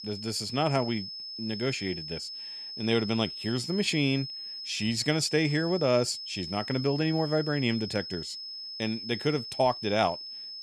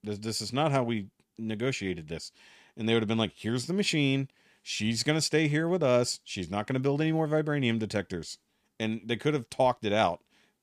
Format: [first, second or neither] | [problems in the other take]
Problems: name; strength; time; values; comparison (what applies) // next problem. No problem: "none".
second | high-pitched whine; loud; throughout; 5 kHz, 8 dB below the speech